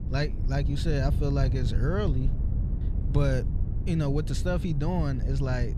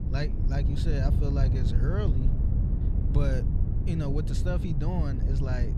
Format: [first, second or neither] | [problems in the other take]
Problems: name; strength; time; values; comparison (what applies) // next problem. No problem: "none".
first | wind noise on the microphone; heavy; 4 dB below the speech; occasional gusts in the first